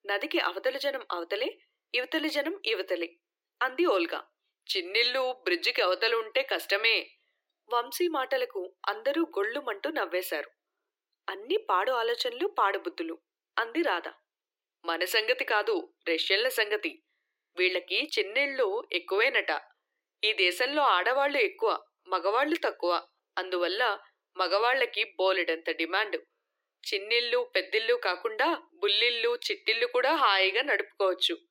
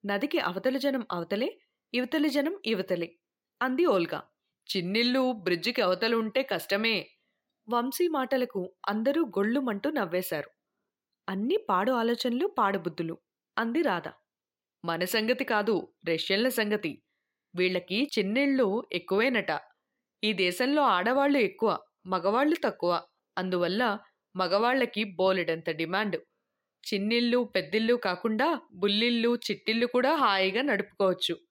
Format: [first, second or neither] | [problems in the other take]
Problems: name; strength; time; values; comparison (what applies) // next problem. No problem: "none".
second | thin; very; fading below 300 Hz